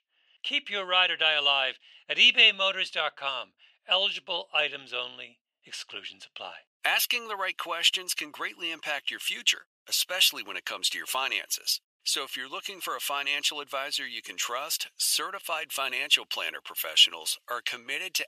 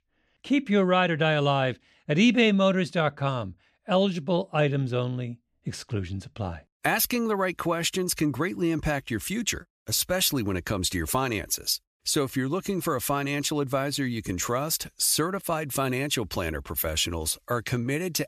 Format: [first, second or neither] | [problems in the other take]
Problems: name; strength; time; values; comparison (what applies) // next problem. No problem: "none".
second | thin; very; fading below 800 Hz